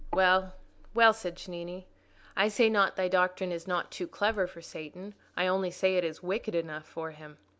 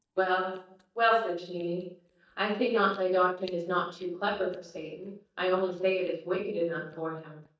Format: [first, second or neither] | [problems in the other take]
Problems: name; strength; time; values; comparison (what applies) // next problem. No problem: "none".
first | noise reduction (neural mask model DeepFilterNet 3)